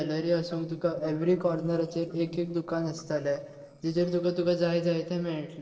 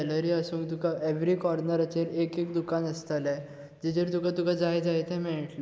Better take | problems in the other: second | noise reduction (neural separator model SepFormer DNS4)

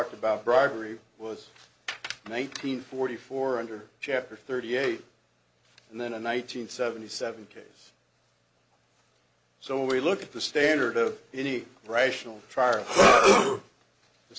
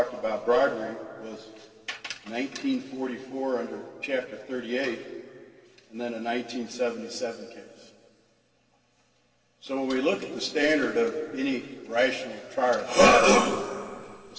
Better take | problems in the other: first | room echo; dies away in 2.1 s

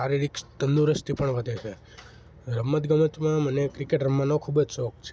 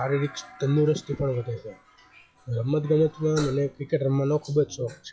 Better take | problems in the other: first | noise reduction (classical method log-MMSE)

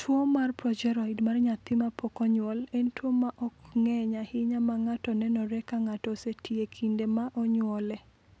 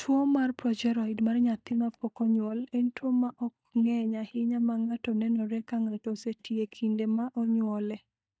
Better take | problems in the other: first | noise reduction (neural mask model DeepFilterNet 3)

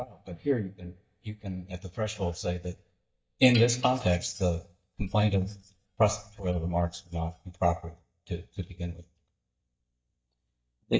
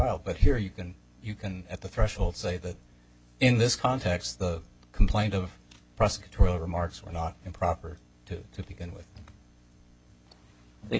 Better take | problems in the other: second | noise reduction (neural mask model DeepFilterNet 3)

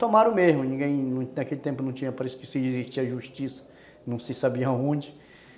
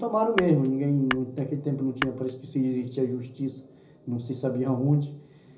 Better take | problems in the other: first | background sound (Tap / Glass); 9 dB below the speech // room echo; dies away in 0.5 s

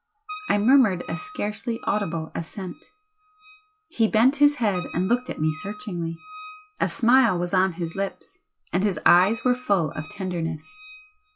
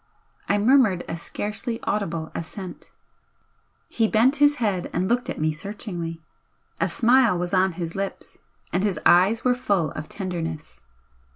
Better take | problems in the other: second | noise reduction (classical method log-MMSE)

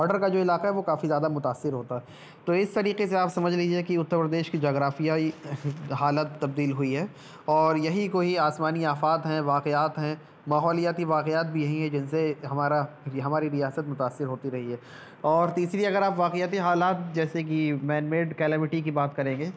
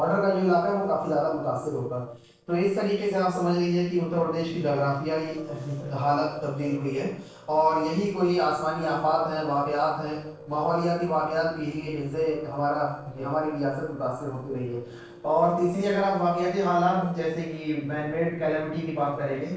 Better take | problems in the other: first | noise reduction (neural separator model SepFormer DNS4)

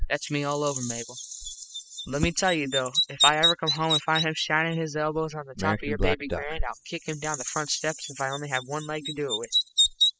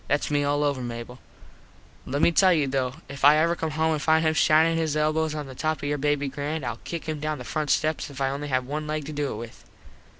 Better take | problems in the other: second | noise reduction (classical method spectral subtraction)

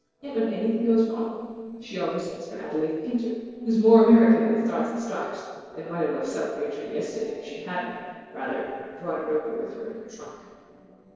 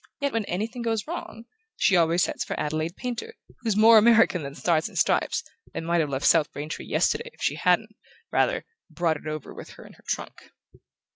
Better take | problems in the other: second | noise reduction (neural separator model SepFormer DNS4)

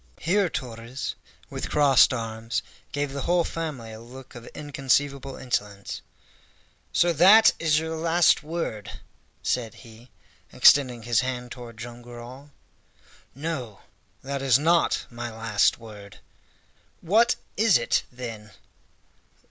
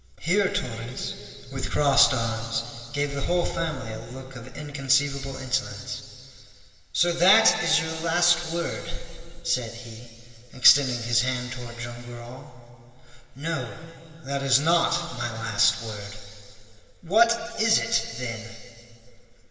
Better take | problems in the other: first | room echo; dies away in 2.6 s

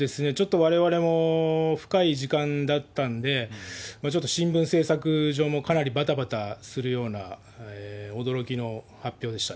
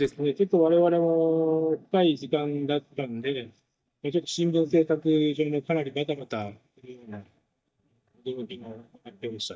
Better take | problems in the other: first | noise reduction (neural mask model DeepFilterNet 3)

